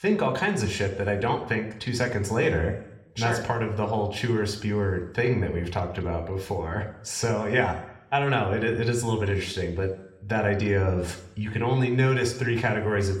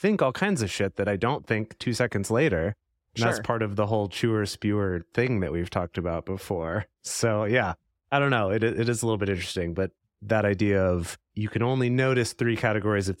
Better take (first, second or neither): second